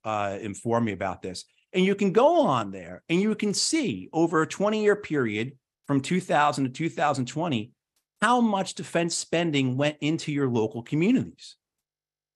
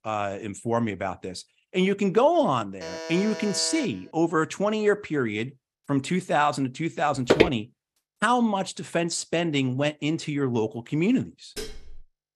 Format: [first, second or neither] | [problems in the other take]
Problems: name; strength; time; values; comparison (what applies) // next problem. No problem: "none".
first | alarm; noticeable; from 3 to 4 s; peak 9 dB below the speech // footsteps; loud; at 7.5 s; peak 4 dB above the speech // clattering dishes; faint; at 12 s; peak 10 dB below the speech